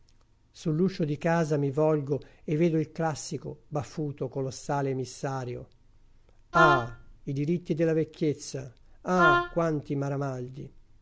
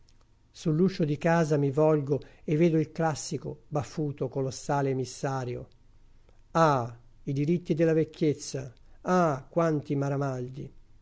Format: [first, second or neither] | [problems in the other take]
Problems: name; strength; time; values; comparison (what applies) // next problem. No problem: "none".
second | background sound (Wind instrument, woodwind instrument); 3 dB above the speech